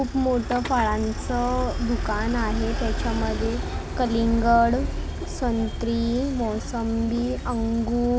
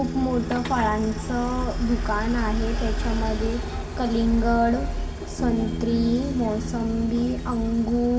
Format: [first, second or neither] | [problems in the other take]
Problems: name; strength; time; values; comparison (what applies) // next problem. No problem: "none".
first | background sound (Bass guitar); 11 dB below the speech // room echo; dies away in 2.3 s